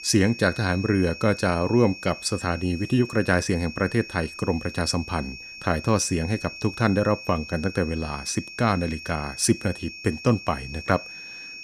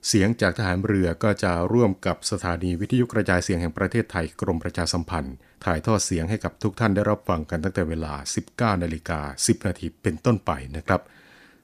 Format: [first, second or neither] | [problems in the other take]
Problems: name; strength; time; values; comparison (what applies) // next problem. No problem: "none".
second | high-pitched whine; noticeable; throughout; 2.5 kHz, 15 dB below the speech